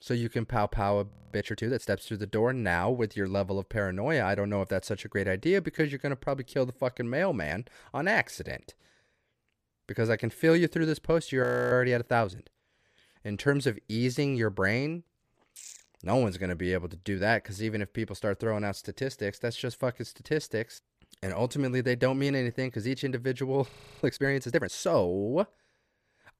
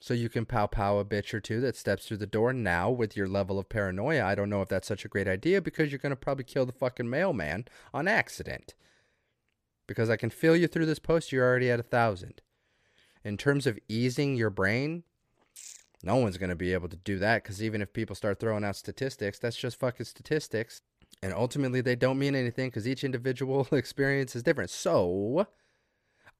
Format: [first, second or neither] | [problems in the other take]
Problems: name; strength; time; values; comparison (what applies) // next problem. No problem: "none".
second | audio freezing; at 1 s, at 11 s and at 24 s